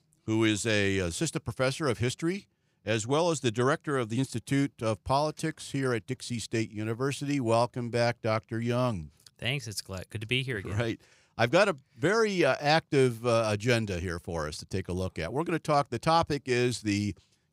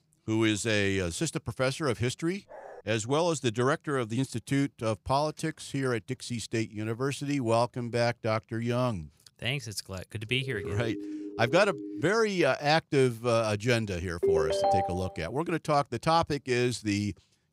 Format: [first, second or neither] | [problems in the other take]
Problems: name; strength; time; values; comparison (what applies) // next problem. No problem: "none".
first | dog barking; faint; at 2.5 s; peak 15 dB below the speech // siren; noticeable; from 10 to 12 s; peak 9 dB below the speech // phone ringing; loud; at 14 s; peak 3 dB above the speech